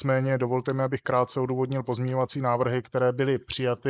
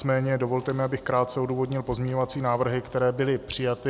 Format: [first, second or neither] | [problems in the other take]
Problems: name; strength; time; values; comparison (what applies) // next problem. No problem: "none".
second | noise reduction (neural mask model Resemble Enhance denoiser)